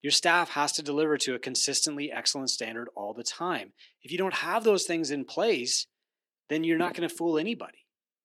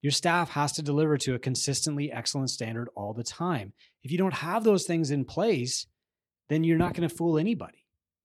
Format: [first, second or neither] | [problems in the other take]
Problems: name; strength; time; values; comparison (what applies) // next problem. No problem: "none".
second | thin; somewhat; fading below 300 Hz